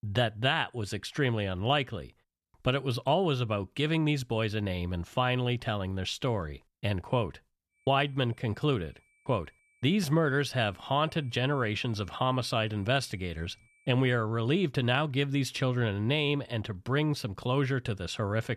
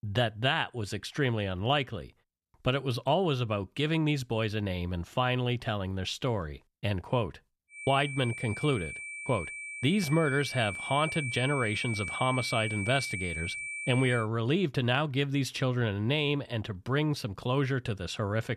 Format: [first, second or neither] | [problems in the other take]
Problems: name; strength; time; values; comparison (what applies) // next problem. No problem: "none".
first | high-pitched whine; loud; from 8 to 14 s; 2.5 kHz, 6 dB below the speech; faint in the first